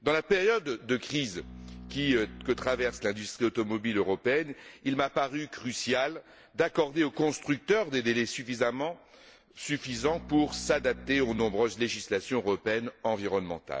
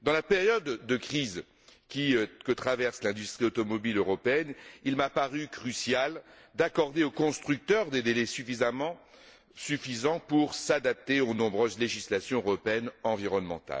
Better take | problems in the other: second | background sound (Bowed string instrument); 16 dB below the speech

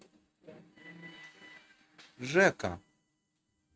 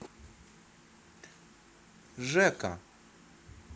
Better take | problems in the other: second | noise reduction (neural mask model RNNoise)

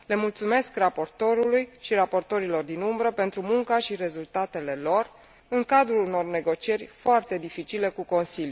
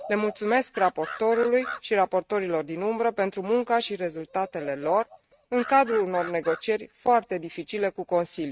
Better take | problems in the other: first | noise reduction (neural mask model RNNoise)

